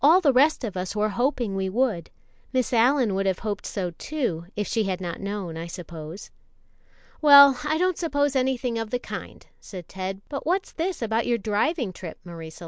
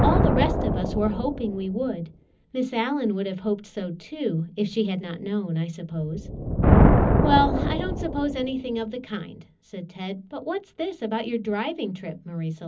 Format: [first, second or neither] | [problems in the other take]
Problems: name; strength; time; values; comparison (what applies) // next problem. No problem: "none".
first | background sound (Thunder); 2 dB above the speech // room echo; dies away in 0.4 s